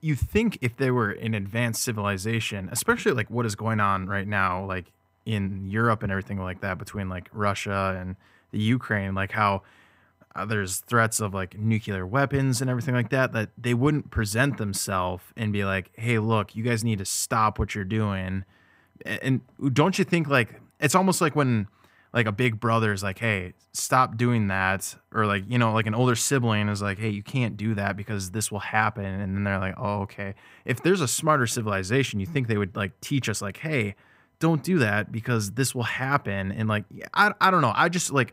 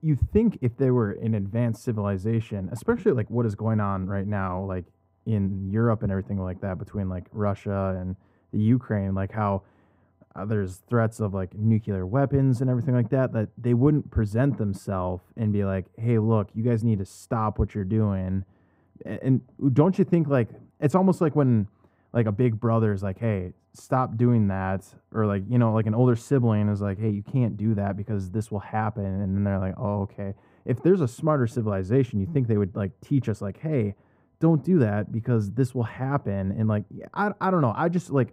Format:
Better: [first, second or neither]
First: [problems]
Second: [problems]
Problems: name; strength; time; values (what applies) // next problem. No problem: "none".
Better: first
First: none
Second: muffled; very; fading above 1 kHz